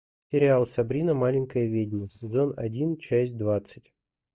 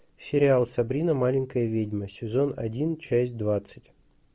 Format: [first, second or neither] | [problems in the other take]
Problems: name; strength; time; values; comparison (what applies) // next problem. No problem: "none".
second | noise reduction (neural mask model DeepFilterNet 3)